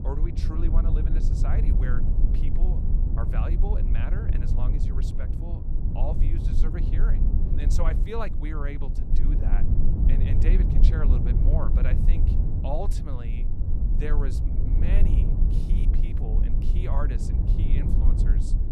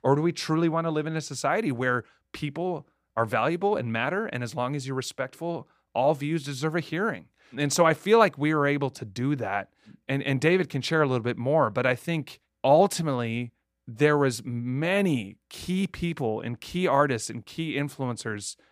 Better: second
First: low rumble; loud; throughout; 1 dB below the speech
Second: none

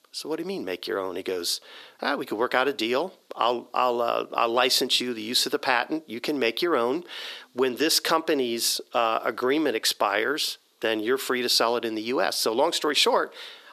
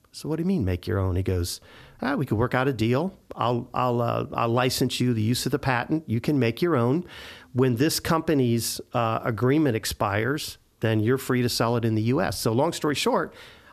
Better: second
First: thin; somewhat; fading below 350 Hz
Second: none

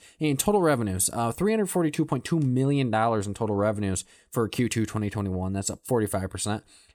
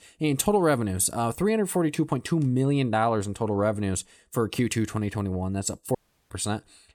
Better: first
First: none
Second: audio cutting out; at 6 s

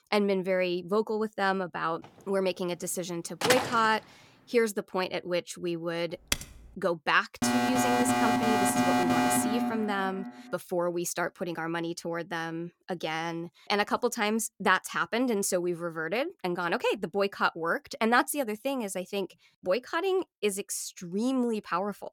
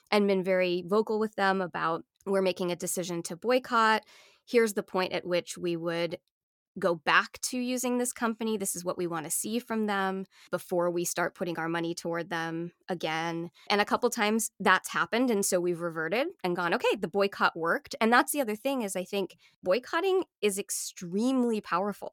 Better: second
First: door banging; loud; at 3.5 s; peak 3 dB above the speech // keyboard typing; noticeable; at 6.5 s; peak 2 dB below the speech // alarm; loud; from 7.5 to 10 s; peak 5 dB above the speech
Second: none

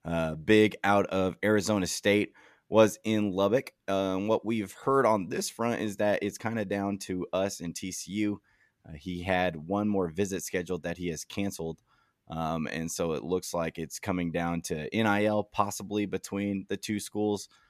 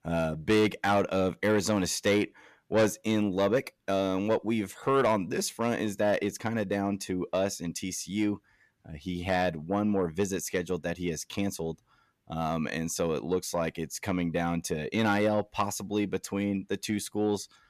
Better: first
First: none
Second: distortion; slight; 10 dB below the speech

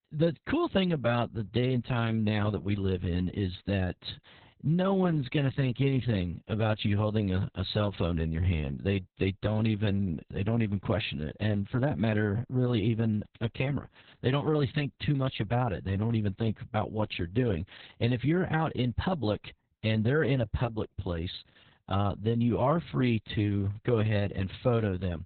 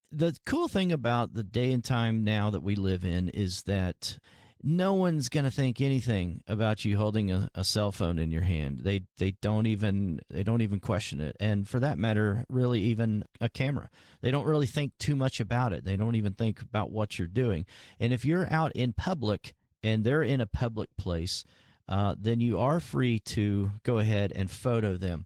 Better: second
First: garbled, watery; badly; nothing above 4 kHz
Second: garbled, watery; slightly; nothing above 19 kHz

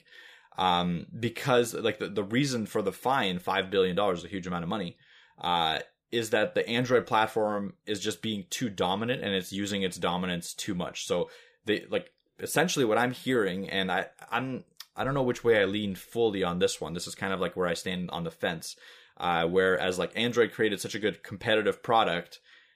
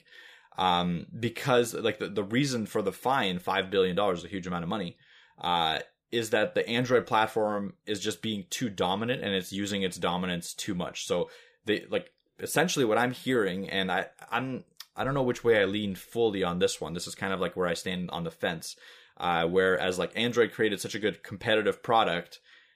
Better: neither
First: none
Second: none

